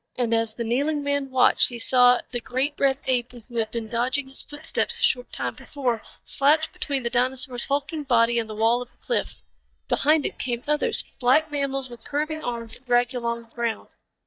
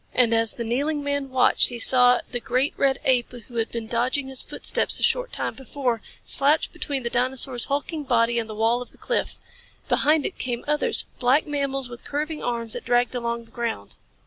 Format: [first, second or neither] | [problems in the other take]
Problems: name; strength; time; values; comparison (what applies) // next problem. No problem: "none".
second | noise reduction (neural mask model DeepFilterNet 3)